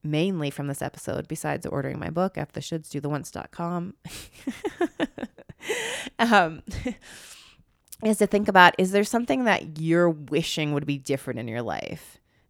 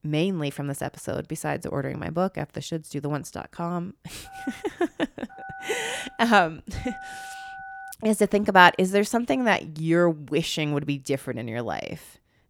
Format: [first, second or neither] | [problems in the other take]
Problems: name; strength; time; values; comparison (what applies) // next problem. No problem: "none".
first | phone ringing; faint; from 4 to 8 s; peak 15 dB below the speech